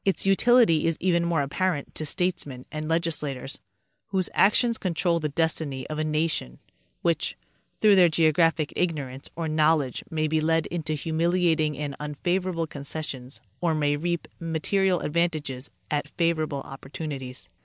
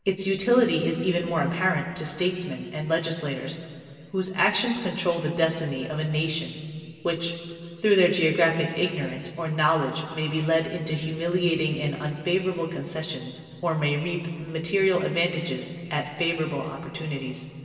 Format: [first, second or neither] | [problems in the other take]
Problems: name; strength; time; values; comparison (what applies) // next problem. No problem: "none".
first | room echo; dies away in 2.6 s